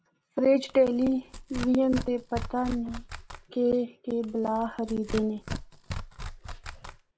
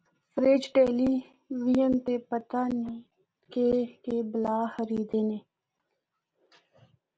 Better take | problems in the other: second | background sound (Tearing); 11 dB below the speech

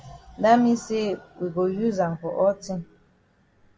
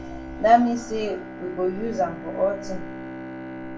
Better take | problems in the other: first | background sound (Bowed string instrument); 12 dB below the speech // room echo; dies away in 0.3 s

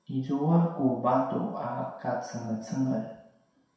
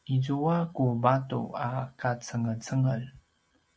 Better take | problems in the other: second | room echo; dies away in 0.7 s

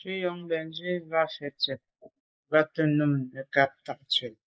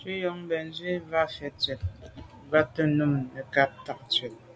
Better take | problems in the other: second | noise reduction (neural mask model Resemble Enhance denoiser)

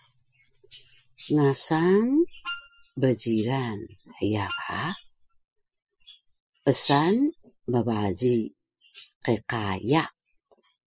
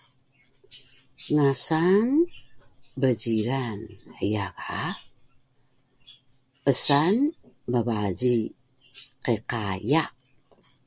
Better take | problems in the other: second | noise reduction (classical method spectral subtraction)

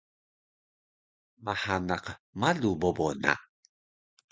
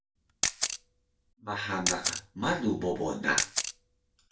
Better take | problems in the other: first | background sound (Camera); 1 dB below the speech // room echo; dies away in 0.3 s

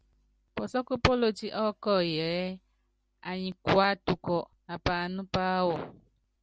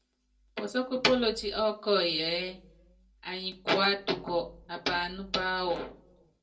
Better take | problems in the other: first | room echo; dies away in 0.2 s

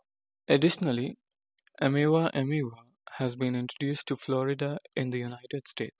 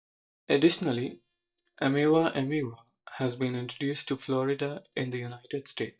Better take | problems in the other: first | noise reduction (neural mask model DeepFilterNet 3)

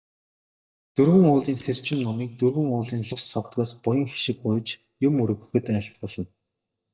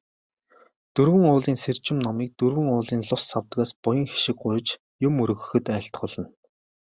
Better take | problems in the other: second | noise reduction (neural mask model DeepFilterNet 3)

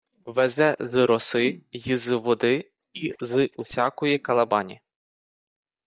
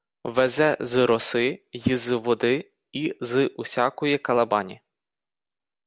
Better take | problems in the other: second | noise reduction (neural mask model DeepFilterNet 3)

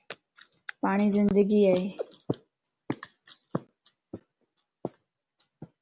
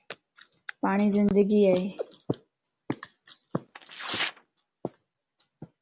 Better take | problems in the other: first | background sound (Tearing); 9 dB below the speech

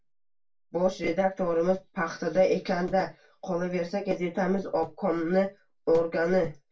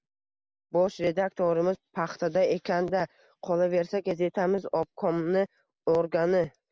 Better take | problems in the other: second | room echo; dies away in 0.2 s

